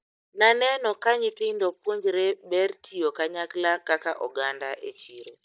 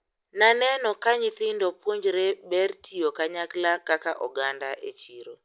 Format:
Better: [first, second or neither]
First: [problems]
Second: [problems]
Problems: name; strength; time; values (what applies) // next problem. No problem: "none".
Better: second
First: noise reduction (neural mask model DeepFilterNet 3)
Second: none